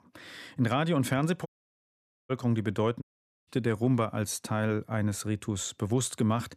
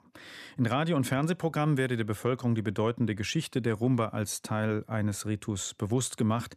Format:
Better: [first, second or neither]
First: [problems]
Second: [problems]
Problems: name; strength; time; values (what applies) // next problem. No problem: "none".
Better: second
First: audio cutting out; at 1.5 s for 1 s and at 3 s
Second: none